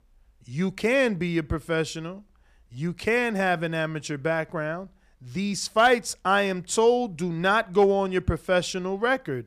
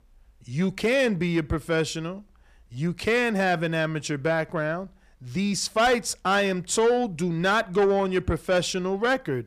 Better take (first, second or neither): first